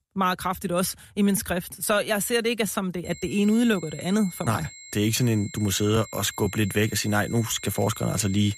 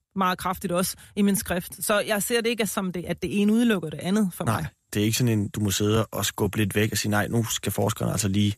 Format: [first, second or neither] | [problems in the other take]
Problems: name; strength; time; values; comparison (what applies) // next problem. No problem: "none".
second | high-pitched whine; noticeable; from 3 s on; 7.5 kHz, 15 dB below the speech